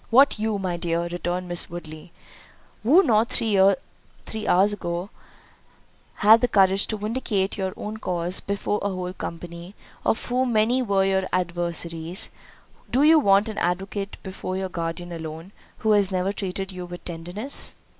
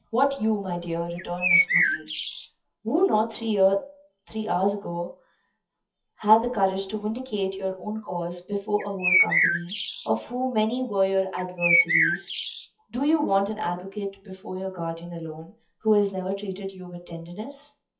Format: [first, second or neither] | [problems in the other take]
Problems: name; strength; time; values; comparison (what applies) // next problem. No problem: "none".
first | noise reduction (classical method WPE with log-MMSE)